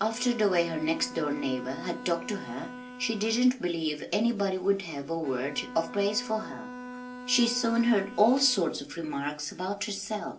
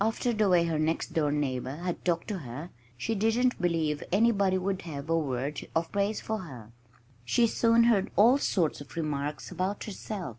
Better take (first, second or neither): second